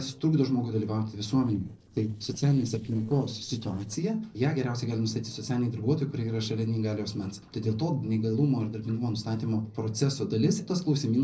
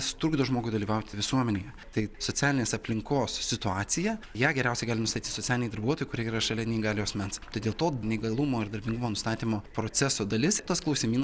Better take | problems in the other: second | noise reduction (neural separator model SepFormer DNS4)

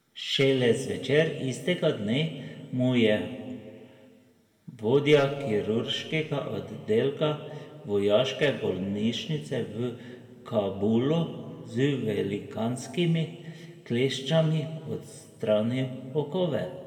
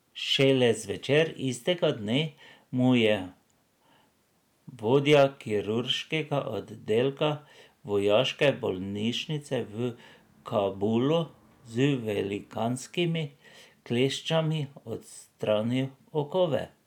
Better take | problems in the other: second | room echo; dies away in 1.4 s

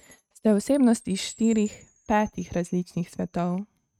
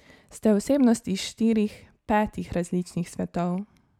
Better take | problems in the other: second | noise reduction (neural mask model RNNoise)

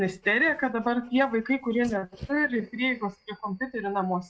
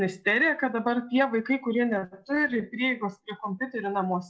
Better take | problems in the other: second | noise reduction (neural mask model RNNoise)

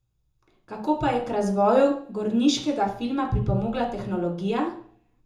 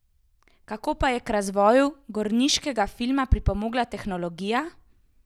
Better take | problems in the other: second | room echo; dies away in 0.6 s

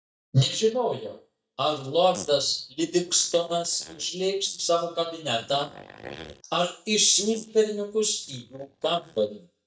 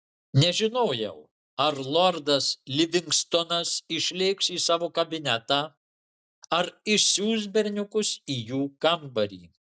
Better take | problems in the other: second | noise reduction (neural mask model DeepFilterNet 3)

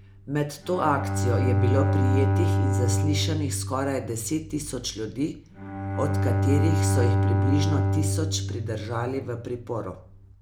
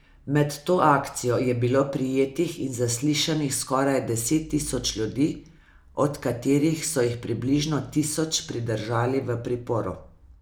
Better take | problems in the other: second | background sound (Bowed string instrument); 4 dB above the speech

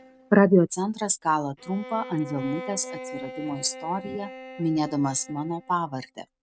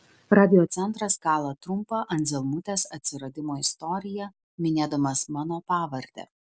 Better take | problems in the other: second | noise reduction (neural mask model RNNoise)

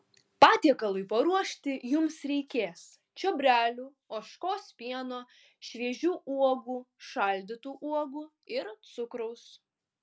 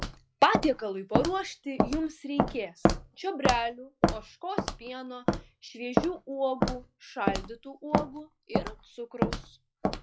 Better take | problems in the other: first | noise reduction (classical method log-MMSE)

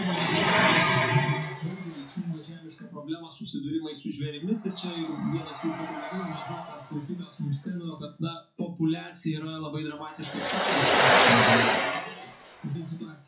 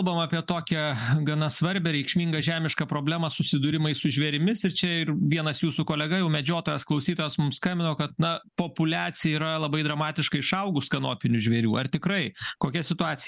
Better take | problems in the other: second | noise reduction (classical method WPE with log-MMSE)

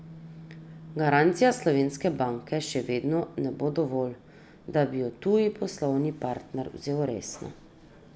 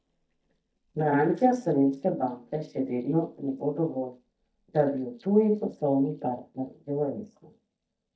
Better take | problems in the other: first | noise reduction (neural mask model DeepFilterNet 3)

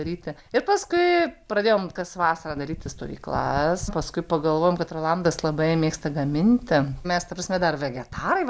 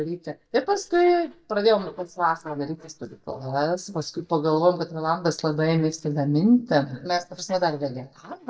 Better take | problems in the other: first | noise reduction (neural mask model DeepFilterNet 3)

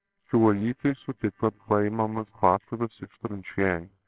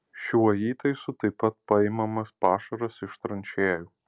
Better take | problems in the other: second | noise reduction (neural separator model SepFormer WHAMR!)

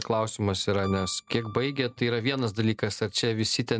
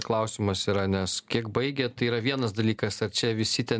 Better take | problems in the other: second | noise reduction (neural mask model RNNoise)

